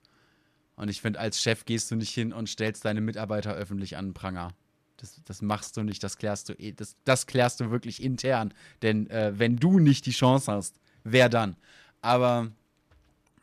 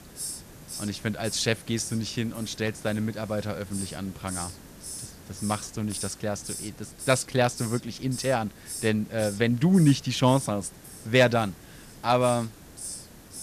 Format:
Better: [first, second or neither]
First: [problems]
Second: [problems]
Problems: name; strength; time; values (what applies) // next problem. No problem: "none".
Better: first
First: none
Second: hiss; noticeable; throughout; 10 dB below the speech